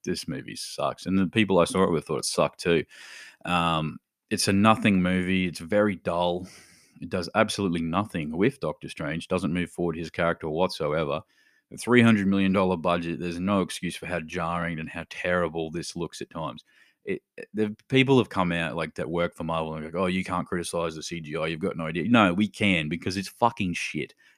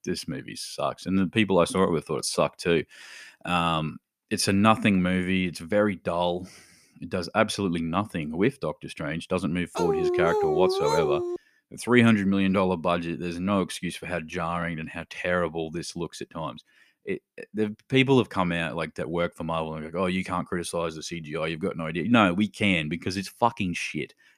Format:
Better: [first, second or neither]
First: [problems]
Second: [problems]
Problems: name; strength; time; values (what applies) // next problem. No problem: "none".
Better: first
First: none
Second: dog barking; loud; from 10 to 11 s; peak 2 dB above the speech